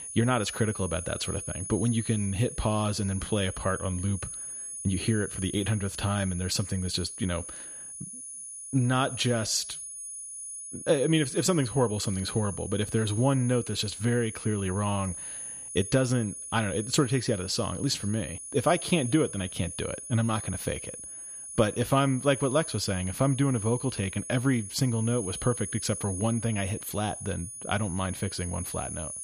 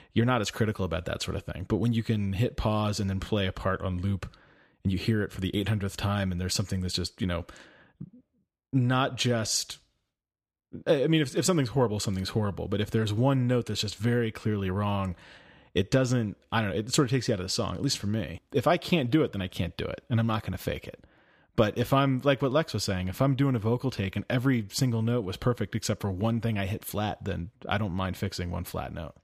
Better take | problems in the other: second | high-pitched whine; loud; throughout; 10 kHz, 8 dB below the speech

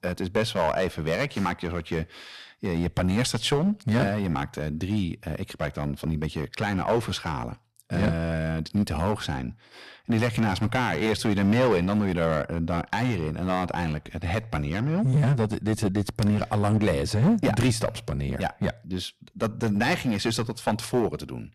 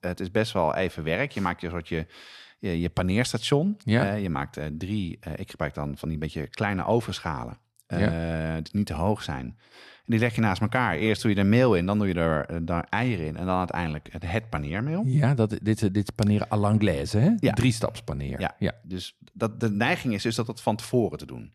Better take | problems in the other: second | distortion; heavy; 7% of the sound clipped

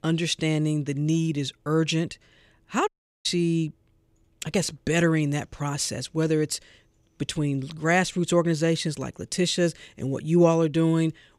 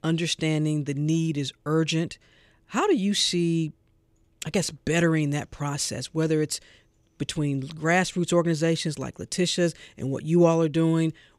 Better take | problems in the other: second | audio cutting out; at 3 s

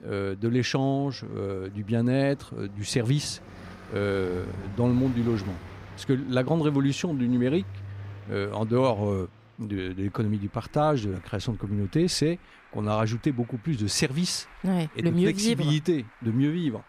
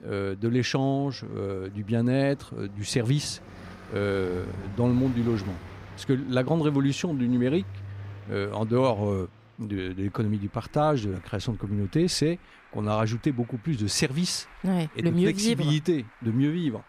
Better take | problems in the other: neither | traffic noise; noticeable; throughout; 20 dB below the speech; the same in both

